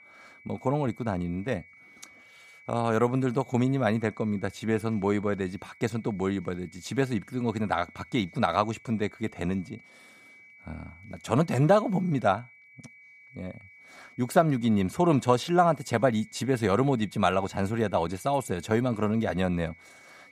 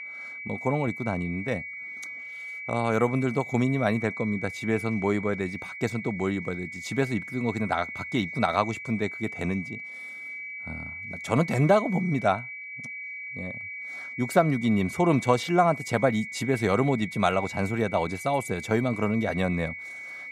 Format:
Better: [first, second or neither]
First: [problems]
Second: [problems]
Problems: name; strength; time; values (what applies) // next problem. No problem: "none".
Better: first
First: high-pitched whine; faint; throughout; 2.5 kHz, 25 dB below the speech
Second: high-pitched whine; loud; throughout; 2.5 kHz, 9 dB below the speech